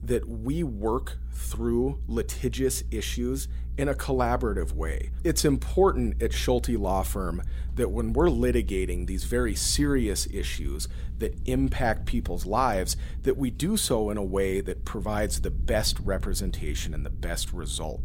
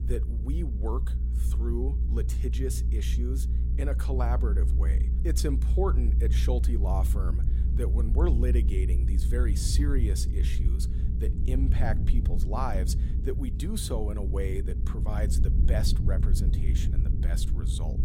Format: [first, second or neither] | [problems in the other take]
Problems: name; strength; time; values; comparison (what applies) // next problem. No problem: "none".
first | low rumble; loud; throughout; 7 dB below the speech; faint in the first